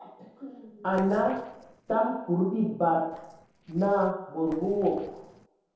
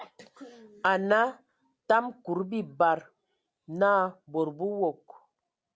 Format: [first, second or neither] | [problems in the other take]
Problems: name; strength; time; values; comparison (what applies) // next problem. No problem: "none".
second | noise reduction (neural separator model SepFormer DNS4)